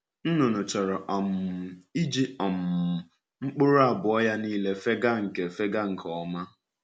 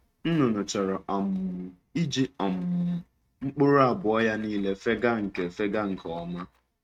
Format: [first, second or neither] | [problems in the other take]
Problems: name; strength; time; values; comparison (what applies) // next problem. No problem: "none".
first | noise reduction (neural mask model RNNoise)